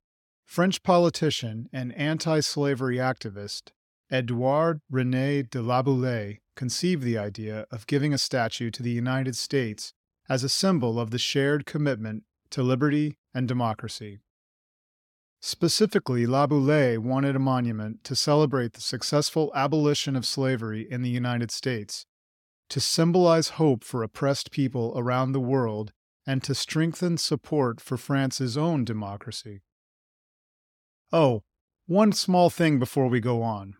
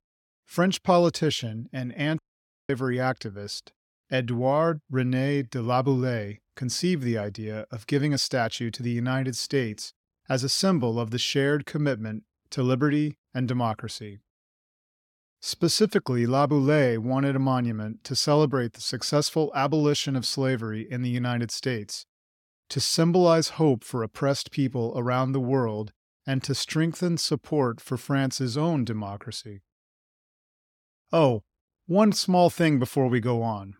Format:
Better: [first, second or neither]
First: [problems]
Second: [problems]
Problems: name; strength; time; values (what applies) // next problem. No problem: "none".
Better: first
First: none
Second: audio cutting out; at 2 s for 0.5 s